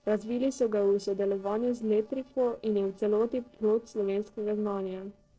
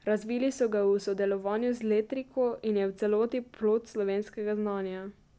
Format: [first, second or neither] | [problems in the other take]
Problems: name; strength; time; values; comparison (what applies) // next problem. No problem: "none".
second | noise reduction (neural separator model SepFormer DNS4)